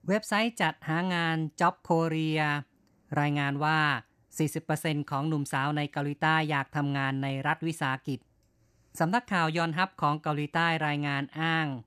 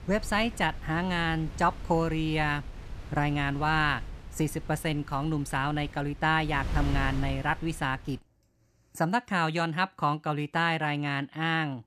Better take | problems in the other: first | wind noise on the microphone; occasional gusts; until 8 s; 20 dB below the speech

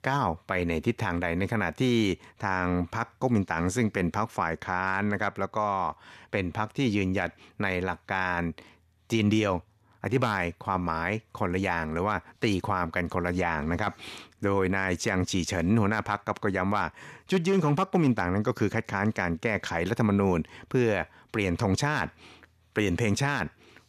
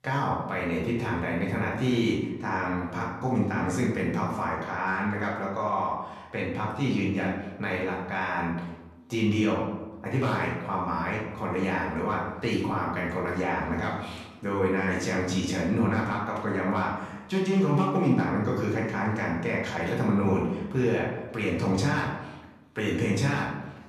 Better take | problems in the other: first | room echo; noticeable; dies away in 0.8 s // off-mic speech; far

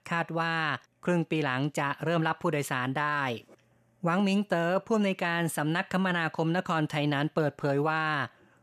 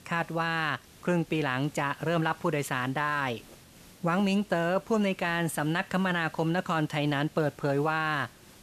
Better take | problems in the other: first | hiss; faint; throughout; 25 dB below the speech

